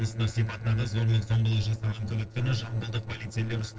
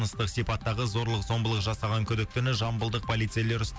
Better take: second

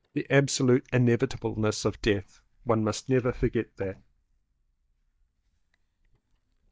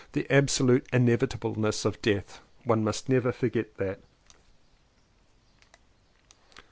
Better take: second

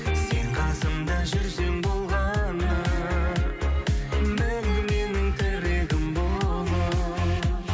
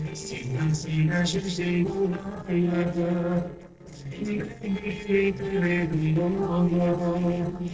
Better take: first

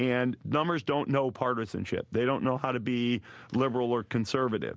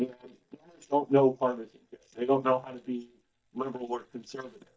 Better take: first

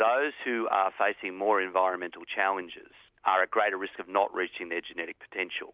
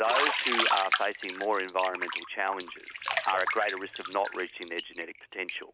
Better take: first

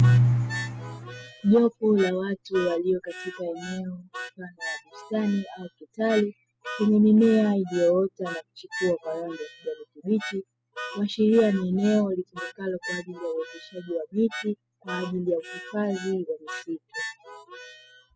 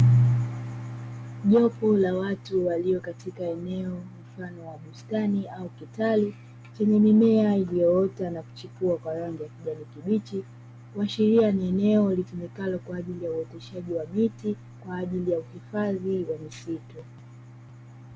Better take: second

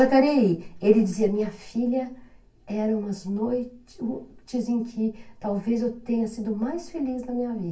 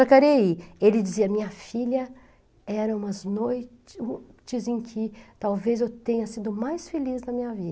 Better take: second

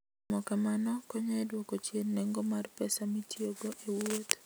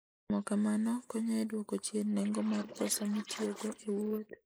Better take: first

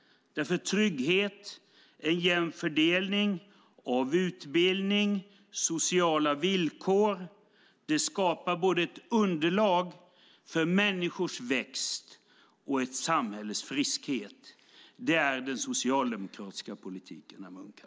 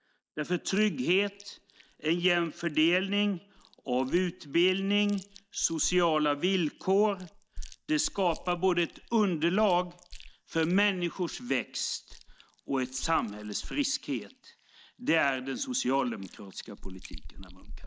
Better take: first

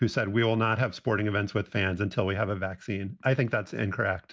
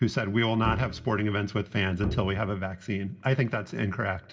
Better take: first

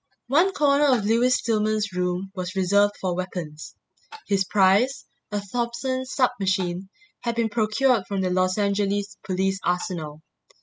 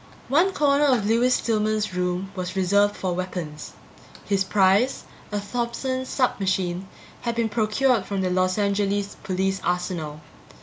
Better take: second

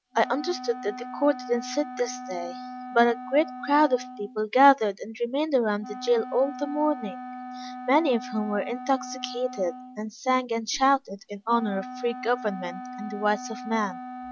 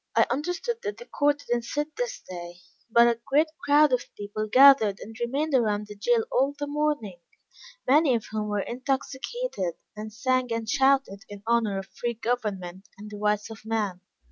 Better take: second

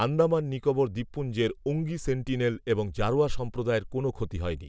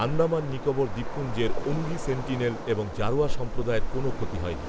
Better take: first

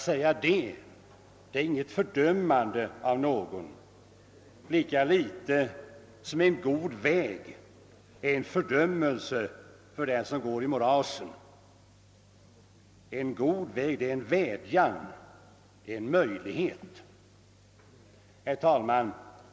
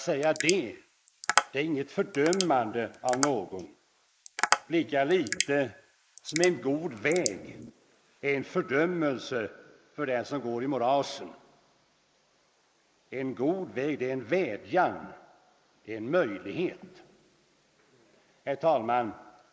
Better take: first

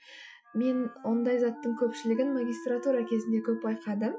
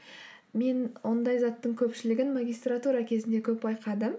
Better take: second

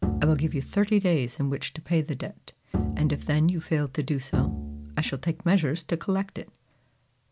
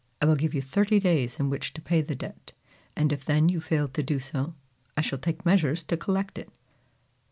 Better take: second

